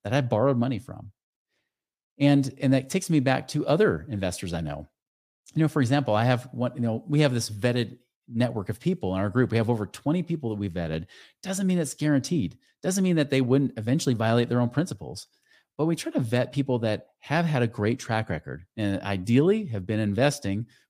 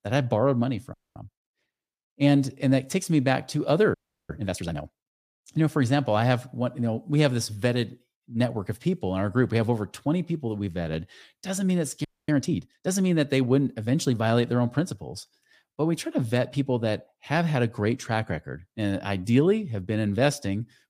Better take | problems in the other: first | audio freezing; at 1 s, at 4 s and at 12 s

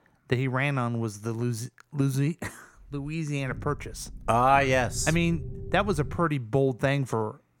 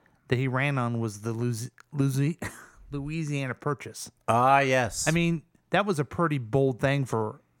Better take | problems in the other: second | low rumble; faint; from 3.5 to 6 s; 25 dB below the speech

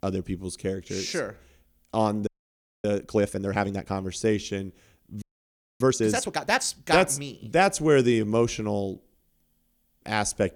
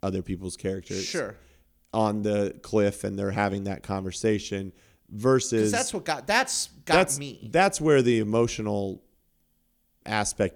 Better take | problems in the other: second | audio freezing; at 2.5 s for 0.5 s and at 5 s for 0.5 s

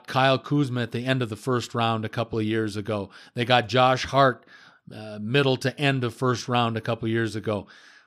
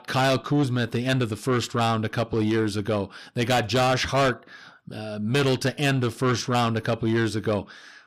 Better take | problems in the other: first | distortion; heavy; 8 dB below the speech

